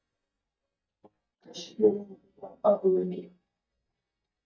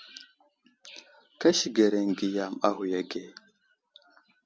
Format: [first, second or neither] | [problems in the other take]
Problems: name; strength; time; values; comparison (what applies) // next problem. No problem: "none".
second | noise reduction (neural mask model DeepFilterNet 3)